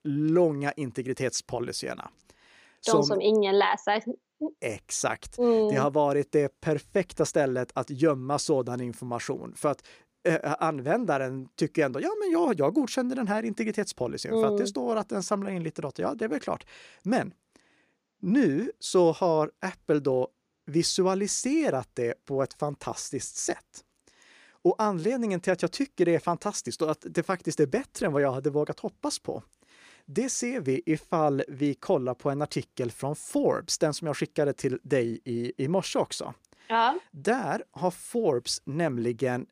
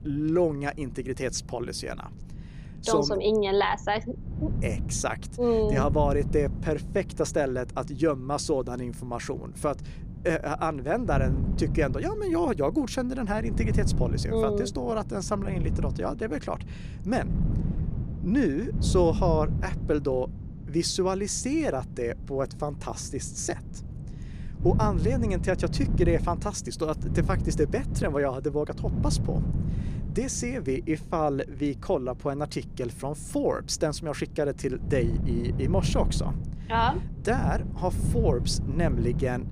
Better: first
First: none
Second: wind noise on the microphone; occasional gusts; 15 dB below the speech

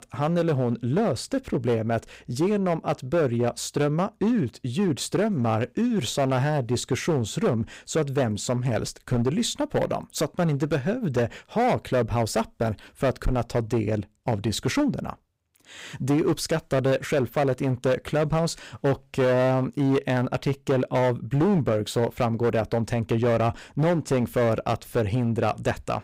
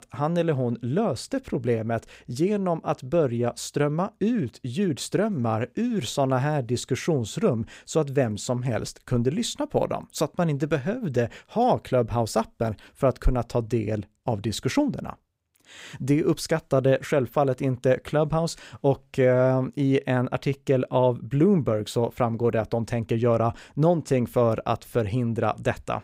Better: second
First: distortion; slight; 10% of the sound clipped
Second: none

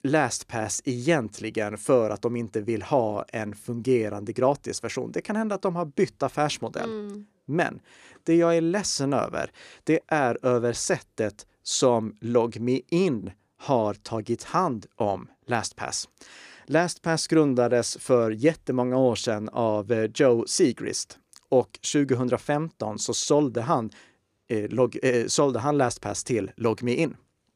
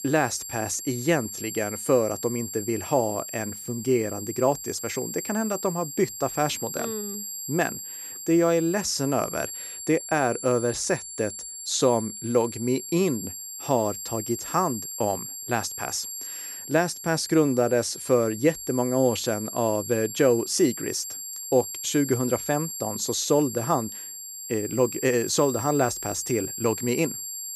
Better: first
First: none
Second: high-pitched whine; loud; throughout; 7.5 kHz, 8 dB below the speech

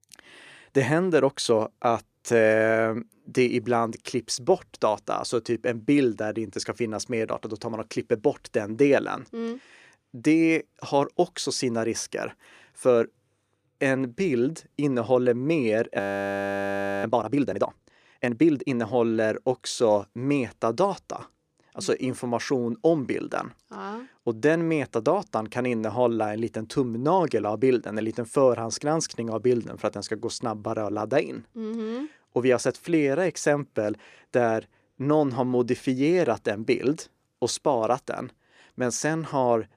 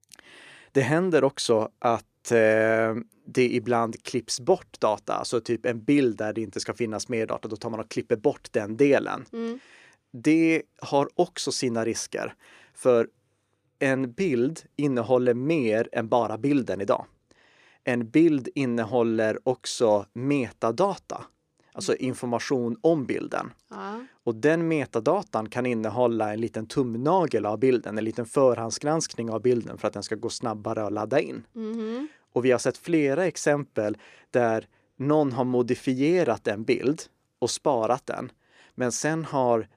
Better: second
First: audio freezing; at 16 s for 1 s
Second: none

